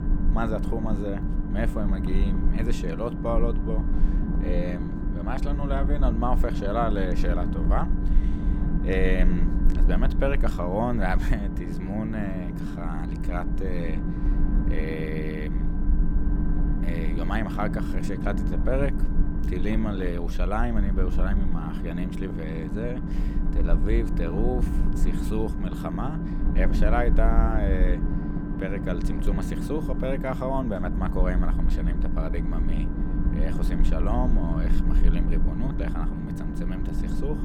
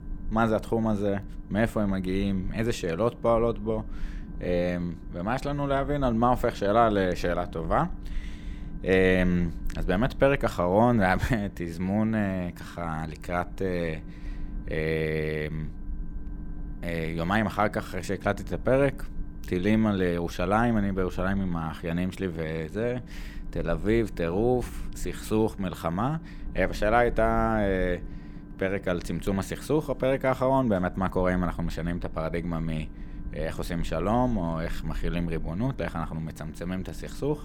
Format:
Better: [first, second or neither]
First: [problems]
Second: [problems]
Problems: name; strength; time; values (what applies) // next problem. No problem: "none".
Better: second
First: low rumble; loud; throughout; 5 dB below the speech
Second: low rumble; faint; throughout; 25 dB below the speech